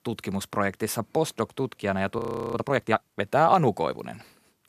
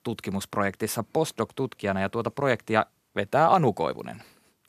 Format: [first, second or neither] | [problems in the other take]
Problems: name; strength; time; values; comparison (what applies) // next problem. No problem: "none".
second | audio freezing; at 2 s